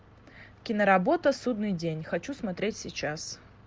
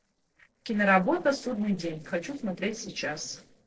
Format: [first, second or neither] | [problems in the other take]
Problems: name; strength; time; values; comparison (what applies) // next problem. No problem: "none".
first | noise reduction (neural separator model SepFormer DNS4)